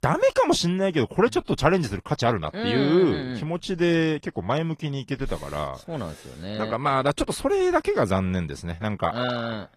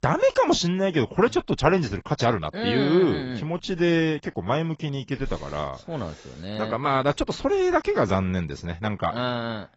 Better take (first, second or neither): first